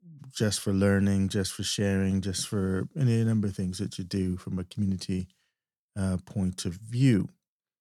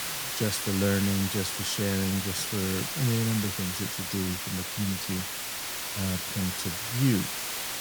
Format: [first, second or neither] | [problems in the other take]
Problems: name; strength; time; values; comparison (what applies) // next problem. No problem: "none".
first | hiss; loud; throughout; 1 dB below the speech